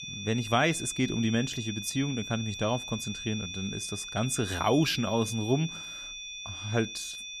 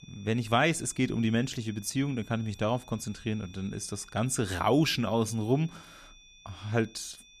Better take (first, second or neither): second